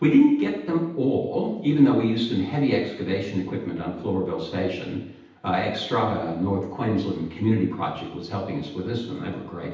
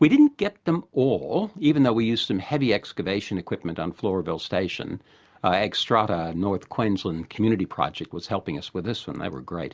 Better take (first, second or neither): second